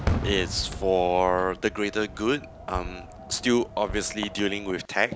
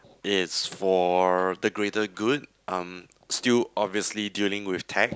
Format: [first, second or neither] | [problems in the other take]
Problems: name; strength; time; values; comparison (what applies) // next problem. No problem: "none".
second | background sound (Fireworks); 8 dB below the speech